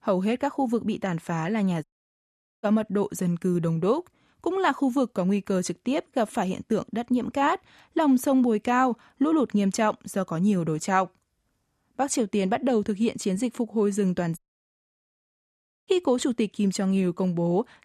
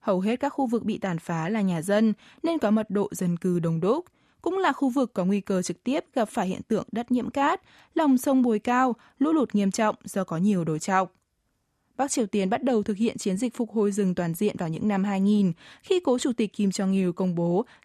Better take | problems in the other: second | audio cutting out; at 2 s for 1 s and at 14 s for 1.5 s

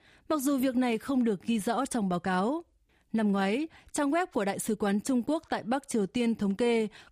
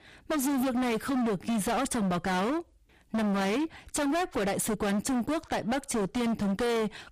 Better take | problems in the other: first | distortion; heavy; 35% of the sound clipped

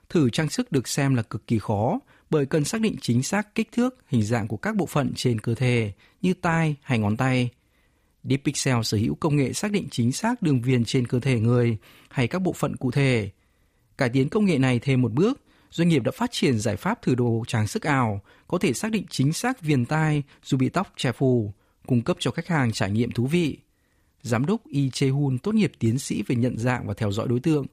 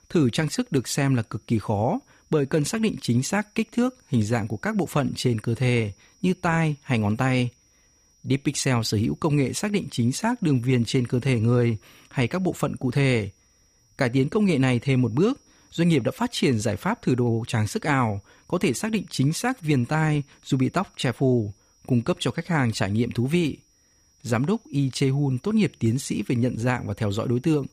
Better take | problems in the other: first | high-pitched whine; faint; throughout; 5.5 kHz, 35 dB below the speech

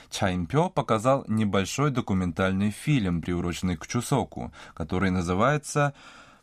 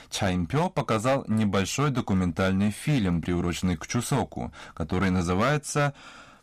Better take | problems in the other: first | distortion; slight; 9% of the sound clipped

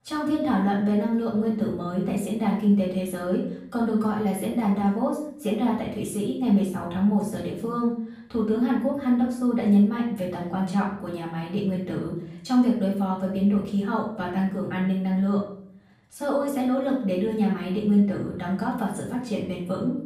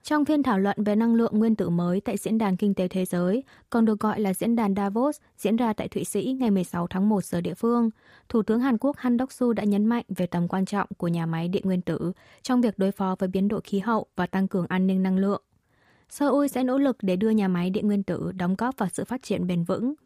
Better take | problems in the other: second | off-mic speech; far // room echo; noticeable; dies away in 0.5 s

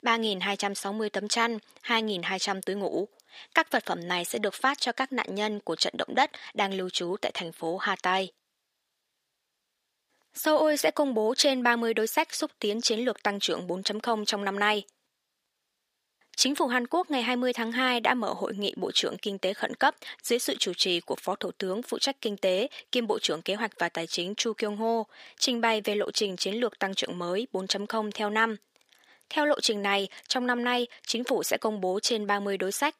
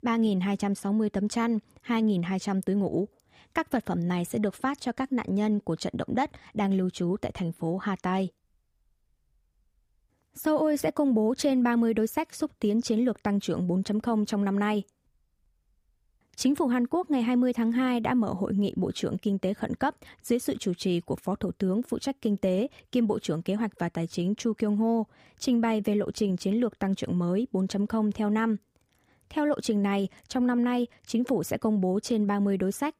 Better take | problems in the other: second | thin; somewhat; fading below 450 Hz

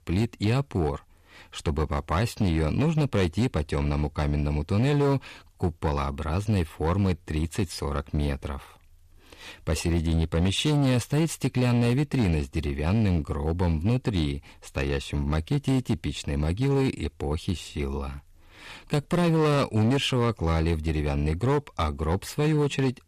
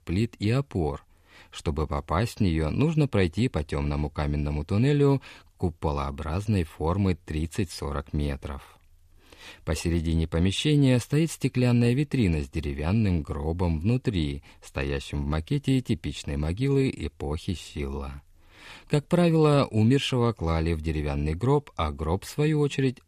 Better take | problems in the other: second | distortion; slight; 9% of the sound clipped

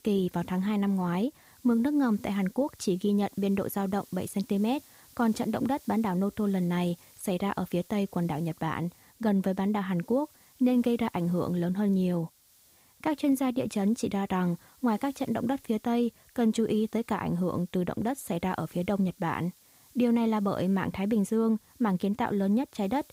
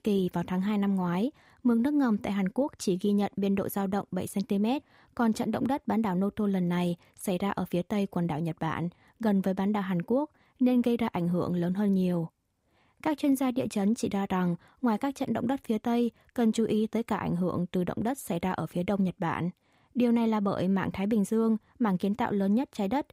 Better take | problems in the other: second | hiss; faint; throughout; 25 dB below the speech

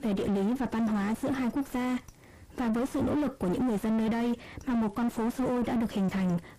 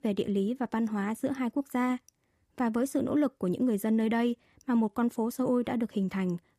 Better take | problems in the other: second | distortion; heavy; 4 dB below the speech

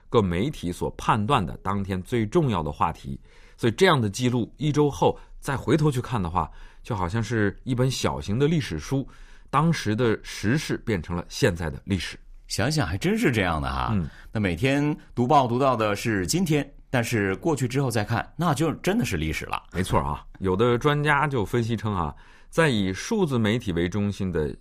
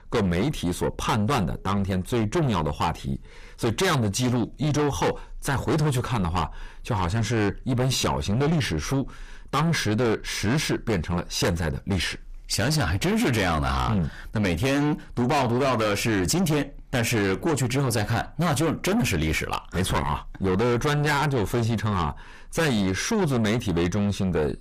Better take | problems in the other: first | distortion; heavy; 5 dB below the speech

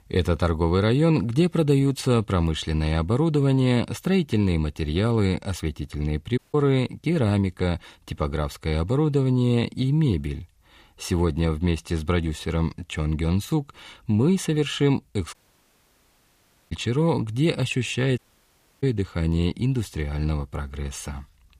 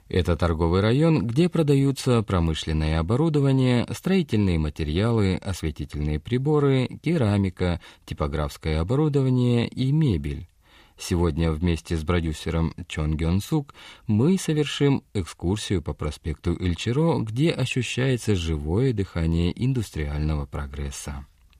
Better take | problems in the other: second | audio cutting out; at 6.5 s, at 15 s for 1.5 s and at 18 s for 0.5 s

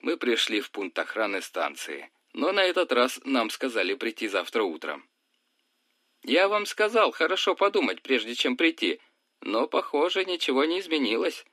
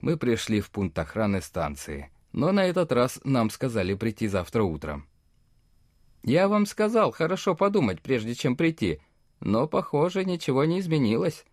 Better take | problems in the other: second | thin; somewhat; fading below 250 Hz

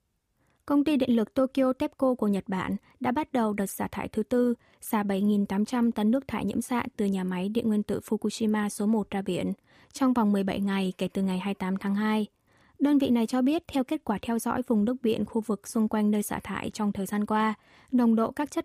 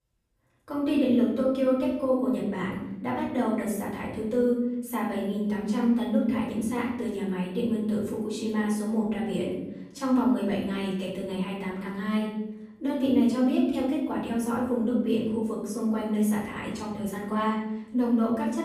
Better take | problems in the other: first | off-mic speech; far // room echo; noticeable; dies away in 0.8 s

